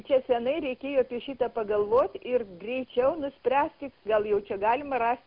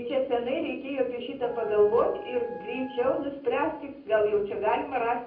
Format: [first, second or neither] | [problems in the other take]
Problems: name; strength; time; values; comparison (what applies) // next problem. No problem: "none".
first | background sound (Wind instrument, woodwind instrument); 19 dB below the speech // room echo; dies away in 0.6 s